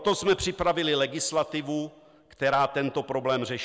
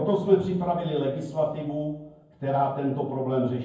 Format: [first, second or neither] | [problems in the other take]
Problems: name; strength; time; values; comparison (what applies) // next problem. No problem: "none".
first | room echo; dies away in 0.9 s